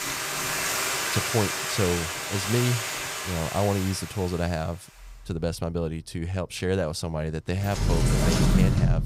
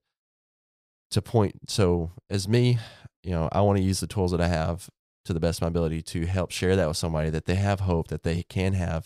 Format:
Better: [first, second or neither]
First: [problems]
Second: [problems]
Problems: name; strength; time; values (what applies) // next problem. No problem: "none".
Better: second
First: household noises; very loud; throughout; 2 dB above the speech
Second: none